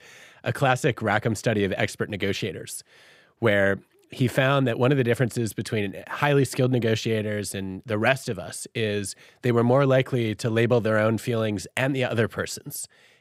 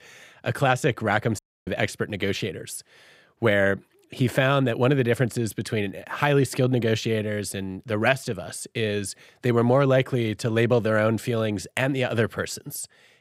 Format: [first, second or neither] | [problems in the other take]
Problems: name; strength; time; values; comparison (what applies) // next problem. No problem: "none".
first | audio cutting out; at 1.5 s